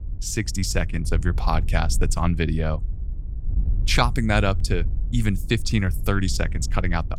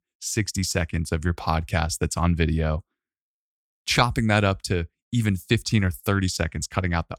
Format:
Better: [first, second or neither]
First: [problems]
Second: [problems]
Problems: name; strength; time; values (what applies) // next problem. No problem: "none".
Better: second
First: wind noise on the microphone; occasional gusts; 20 dB below the speech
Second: none